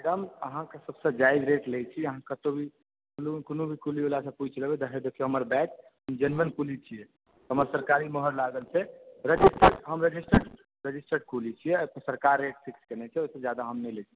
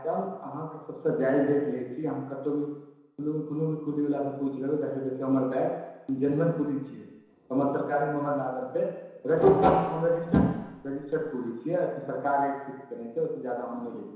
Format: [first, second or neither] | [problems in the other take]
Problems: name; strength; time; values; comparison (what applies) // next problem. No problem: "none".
first | room echo; dies away in 1 s